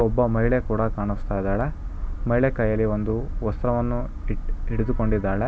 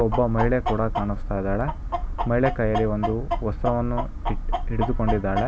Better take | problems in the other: first | background sound (Chicken, rooster); 8 dB below the speech

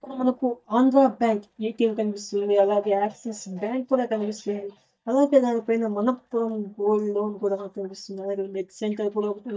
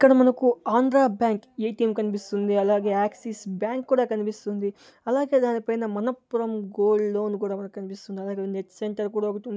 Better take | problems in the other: second | noise reduction (neural mask model DeepFilterNet 3)

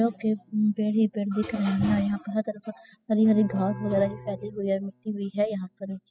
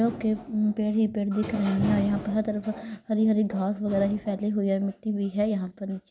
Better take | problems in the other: second | noise reduction (classical method spectral subtraction)

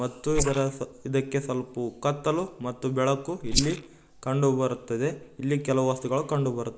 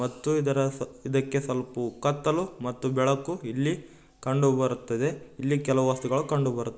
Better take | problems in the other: second | noise reduction (neural mask model Resemble Enhance denoiser)

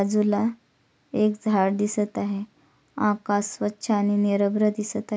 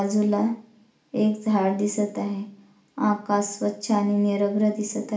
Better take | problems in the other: first | room echo; dies away in 0.4 s

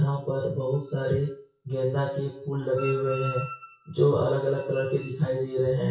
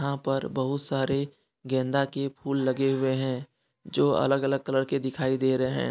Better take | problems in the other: second | noise reduction (classical method WPE with log-MMSE)

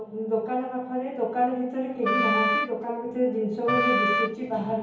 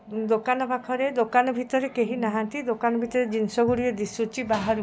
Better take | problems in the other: second | background sound (Wind instrument, woodwind instrument); 1 dB above the speech // room echo; dies away in 2.2 s

